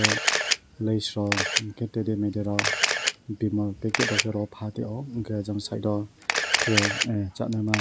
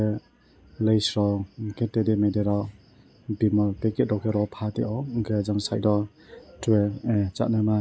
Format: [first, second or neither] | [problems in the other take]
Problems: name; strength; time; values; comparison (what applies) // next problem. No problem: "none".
second | background sound (Camera); as loud as the speech